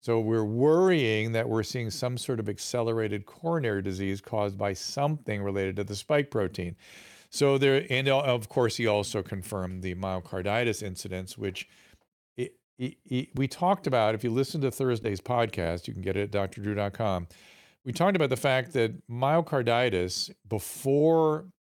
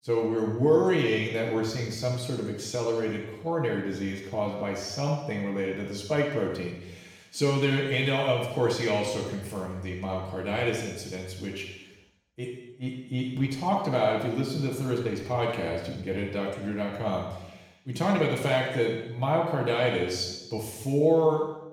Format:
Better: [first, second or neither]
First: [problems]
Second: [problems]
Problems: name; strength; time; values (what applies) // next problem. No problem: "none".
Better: first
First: none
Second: room echo; noticeable; dies away in 0.9 s // off-mic speech; far